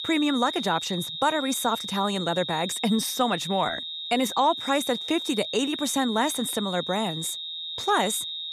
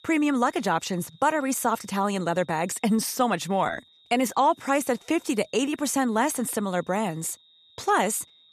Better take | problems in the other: second | high-pitched whine; loud; throughout; 3.5 kHz, 5 dB below the speech; faint in the second

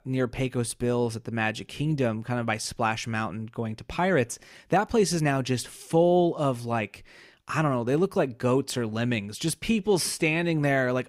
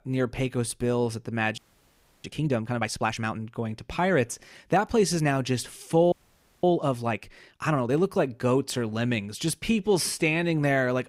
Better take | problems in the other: first | audio freezing; at 1.5 s for 0.5 s and at 6 s for 0.5 s

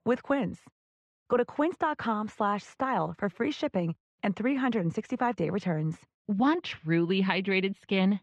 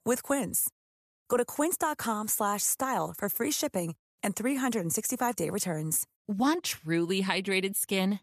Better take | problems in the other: second | muffled; very; fading above 3.5 kHz

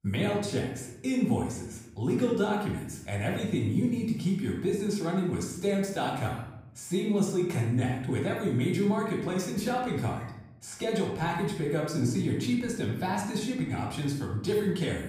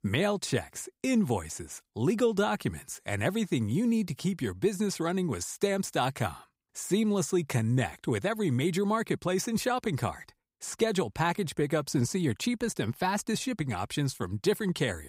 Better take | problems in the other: second | off-mic speech; far // room echo; noticeable; dies away in 0.7 s

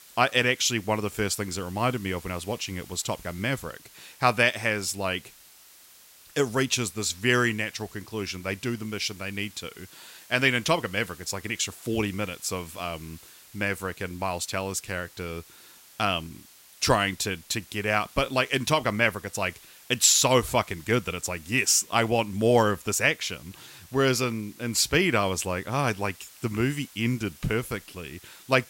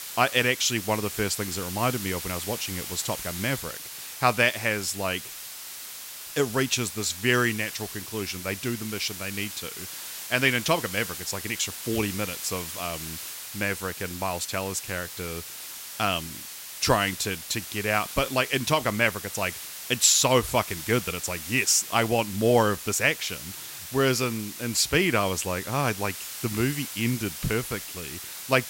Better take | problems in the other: first | hiss; loud; throughout; 9 dB below the speech; faint in the first

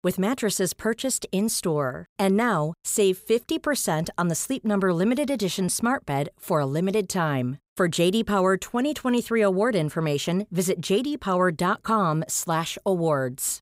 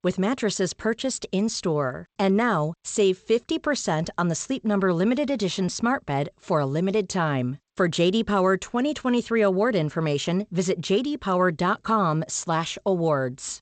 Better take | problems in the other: first | garbled, watery; slightly; nothing above 8 kHz

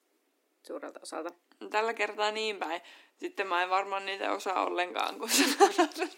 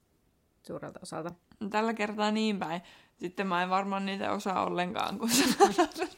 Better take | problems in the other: second | thin; very slightly; fading below 300 Hz

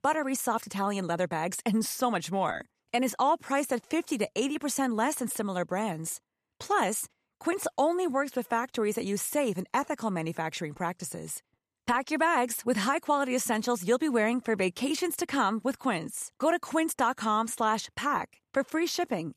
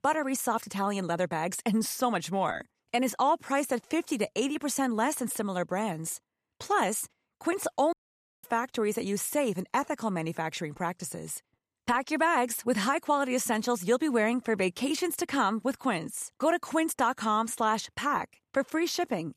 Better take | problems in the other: first | audio cutting out; at 8 s for 0.5 s

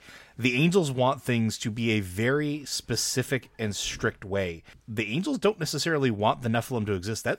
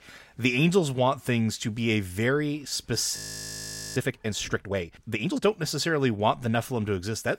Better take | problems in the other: first | audio freezing; at 3 s for 1 s

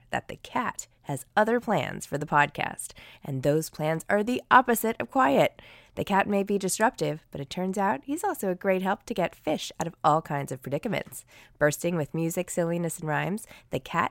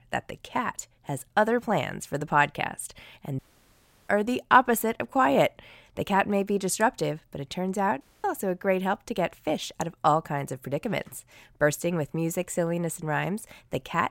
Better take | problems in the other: first | audio cutting out; at 3.5 s for 0.5 s and at 8 s

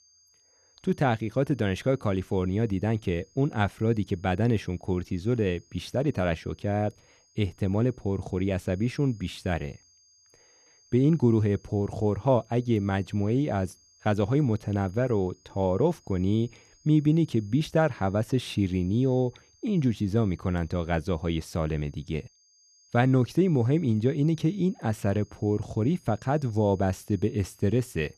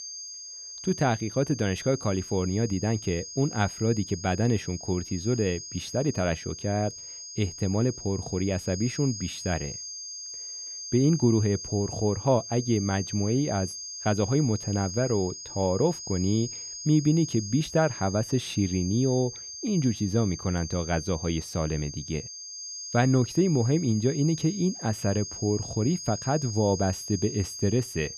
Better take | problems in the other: first | high-pitched whine; loud; throughout; 6.5 kHz, 9 dB below the speech; faint in the first

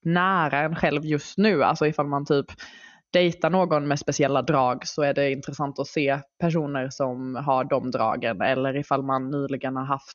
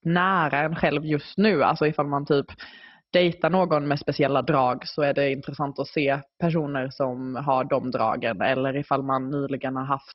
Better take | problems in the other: first | garbled, watery; badly; nothing above 5.5 kHz; slightly in the first

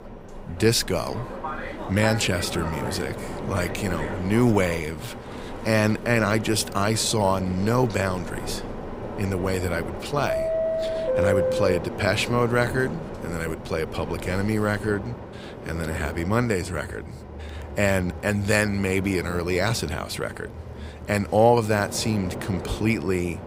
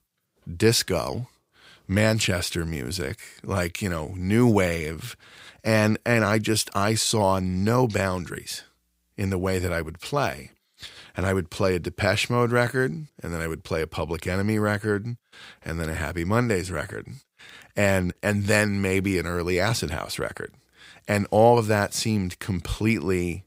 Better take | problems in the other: second | train or aircraft noise; loud; throughout; 8 dB below the speech

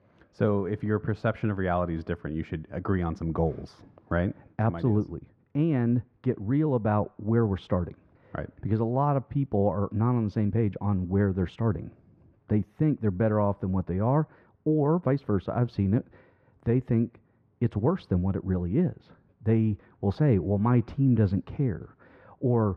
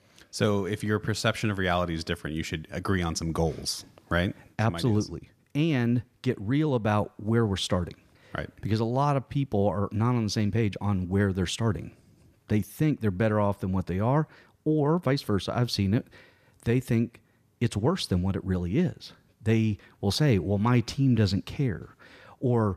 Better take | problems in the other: second | muffled; very; fading above 3.5 kHz

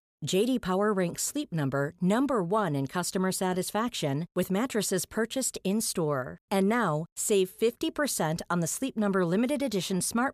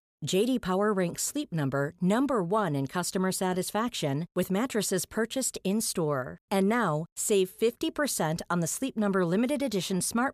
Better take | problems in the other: neither | none

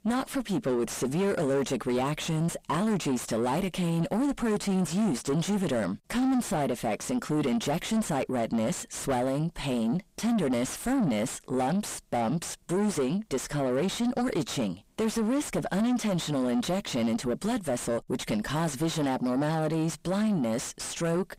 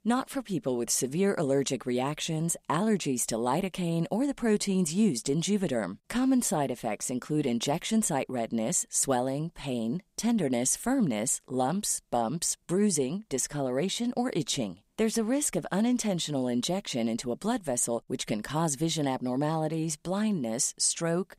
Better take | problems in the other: second | distortion; heavy; 6 dB below the speech

